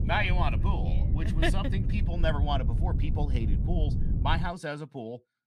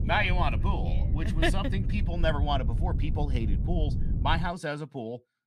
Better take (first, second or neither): second